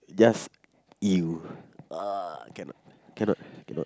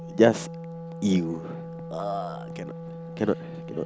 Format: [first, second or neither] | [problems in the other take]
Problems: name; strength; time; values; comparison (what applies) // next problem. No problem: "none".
first | background sound (Wind instrument, woodwind instrument); 10 dB below the speech